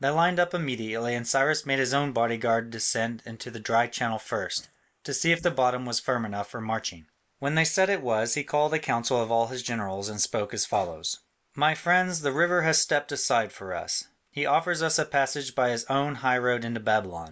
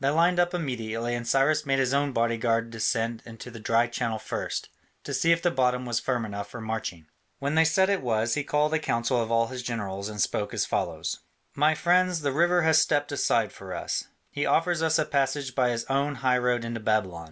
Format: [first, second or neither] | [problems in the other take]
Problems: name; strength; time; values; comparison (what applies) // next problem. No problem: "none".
second | noise reduction (neural mask model Resemble Enhance denoiser)